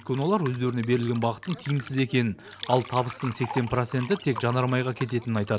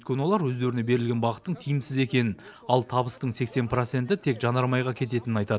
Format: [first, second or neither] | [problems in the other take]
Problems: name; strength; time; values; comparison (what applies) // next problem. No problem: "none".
second | background sound (Fill (with liquid)); 16 dB below the speech